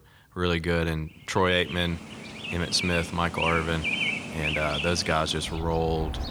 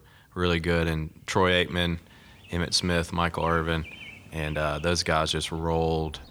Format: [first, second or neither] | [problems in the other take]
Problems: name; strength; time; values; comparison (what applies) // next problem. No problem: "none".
second | animal sounds; loud; from 2 s on; 4 dB below the speech; faint in the second